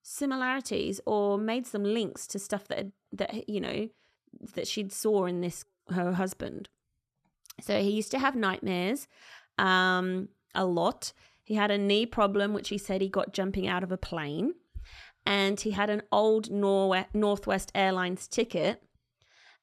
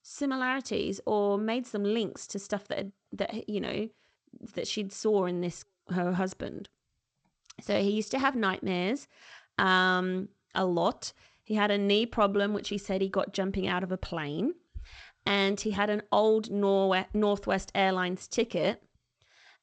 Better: first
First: none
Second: garbled, watery; slightly; nothing above 8 kHz

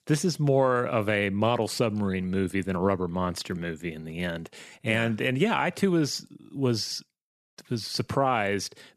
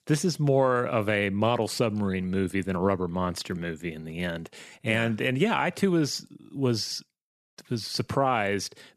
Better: neither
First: none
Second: none

